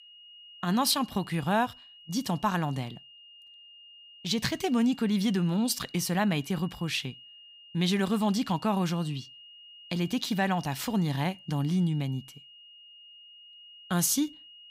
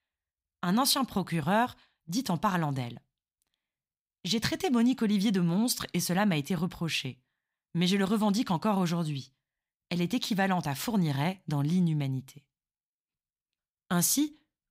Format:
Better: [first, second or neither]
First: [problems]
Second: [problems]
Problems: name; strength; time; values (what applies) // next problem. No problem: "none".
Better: second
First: high-pitched whine; faint; throughout; 3 kHz, 20 dB below the speech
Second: none